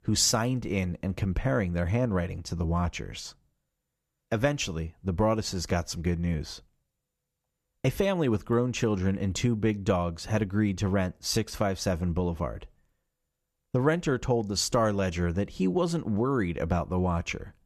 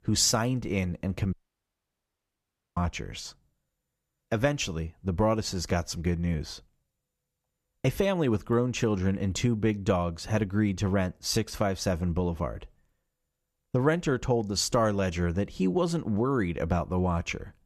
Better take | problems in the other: first | audio cutting out; at 1.5 s for 1.5 s

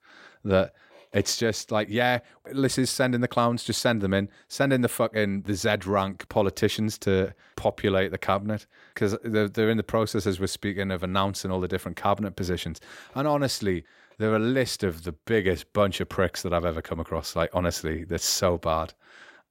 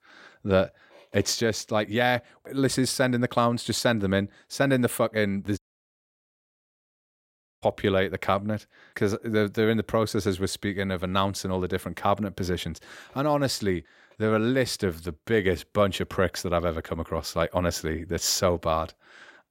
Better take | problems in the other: first | audio cutting out; at 5.5 s for 2 s

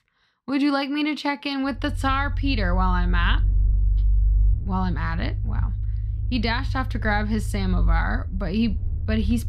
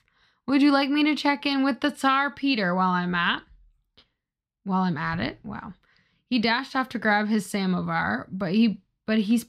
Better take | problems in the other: second | low rumble; noticeable; from 2 s on; 20 dB below the speech

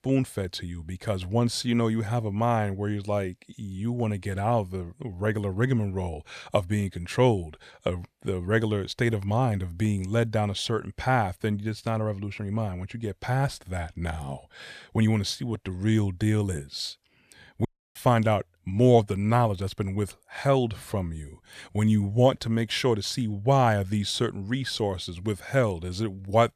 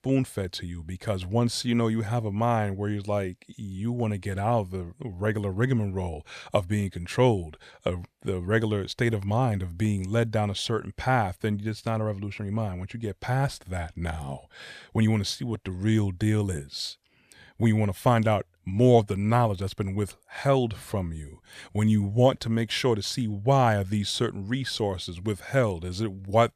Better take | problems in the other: second | audio cutting out; at 18 s

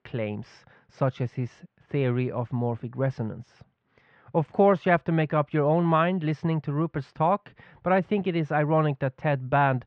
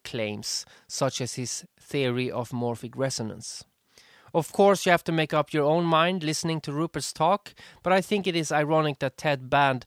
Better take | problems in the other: second | muffled; very; fading above 2 kHz

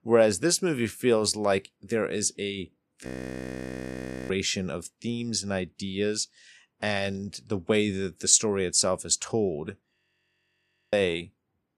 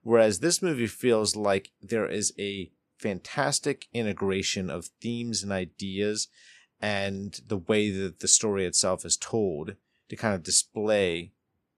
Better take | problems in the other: second | audio freezing; at 3 s for 1.5 s and at 10 s for 1 s

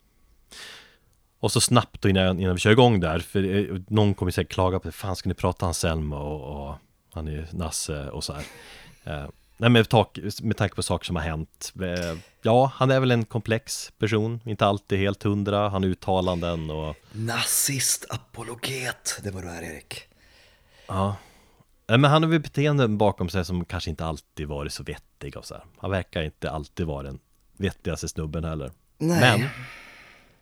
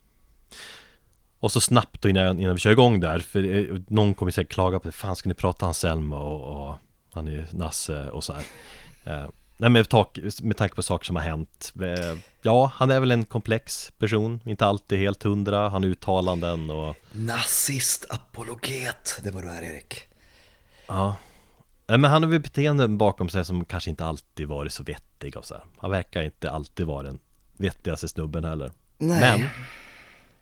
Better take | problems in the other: first | garbled, watery; slightly

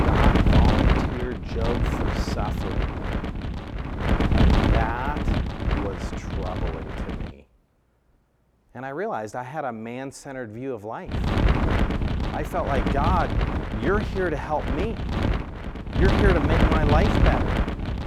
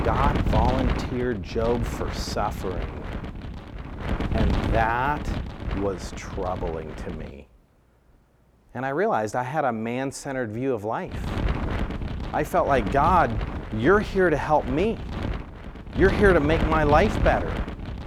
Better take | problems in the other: second | wind noise on the microphone; heavy; until 7.5 s and from 11 s on; as loud as the speech; occasional gusts in the second

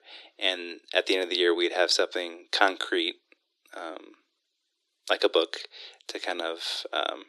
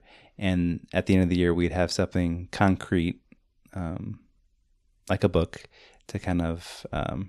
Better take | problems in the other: second | thin; very; fading below 300 Hz

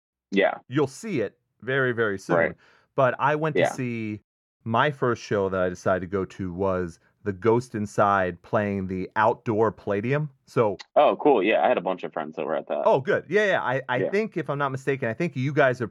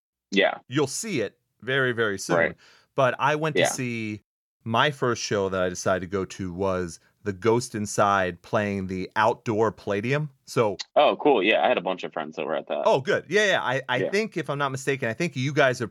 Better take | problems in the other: second | muffled; slightly; fading above 2.5 kHz

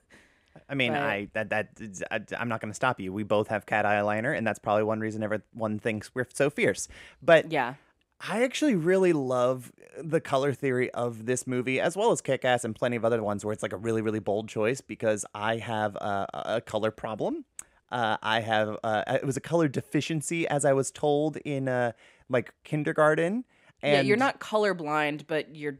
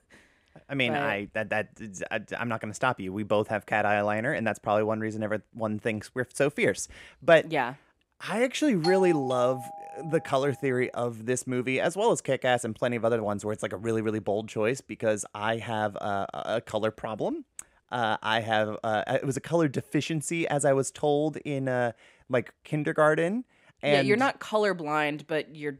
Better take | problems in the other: first | doorbell; noticeable; from 9 to 10 s; peak 5 dB below the speech

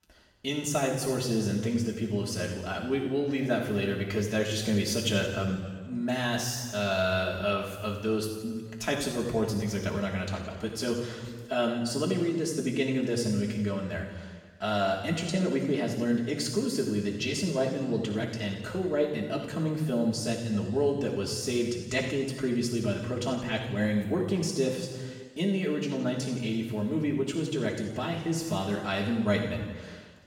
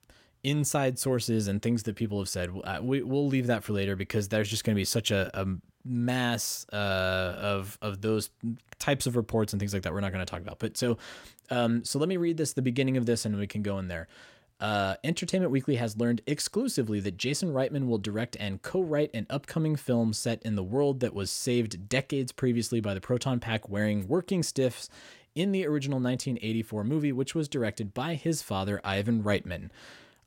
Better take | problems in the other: second | room echo; noticeable; dies away in 1.4 s // off-mic speech; far

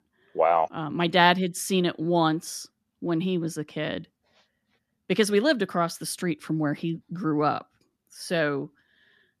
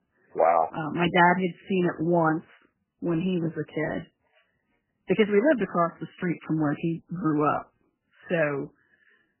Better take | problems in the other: first | garbled, watery; badly; nothing above 3 kHz

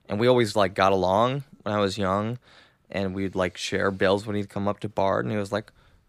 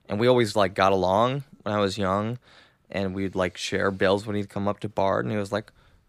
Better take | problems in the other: neither | none

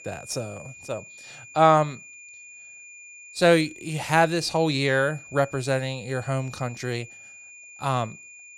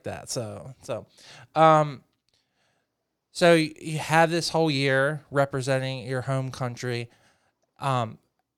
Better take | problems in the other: second | high-pitched whine; noticeable; throughout; 2.5 kHz, 20 dB below the speech

